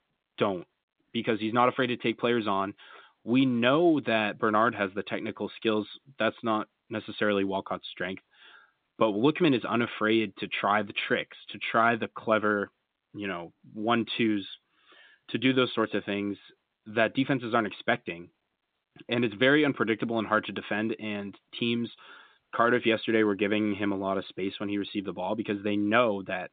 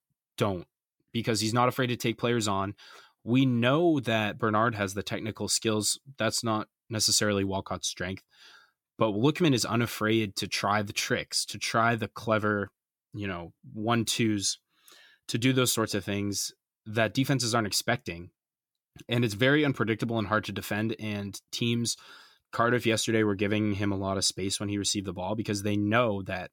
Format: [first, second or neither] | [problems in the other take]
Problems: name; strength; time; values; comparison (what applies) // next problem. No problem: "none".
second | phone-call audio; nothing above 3.5 kHz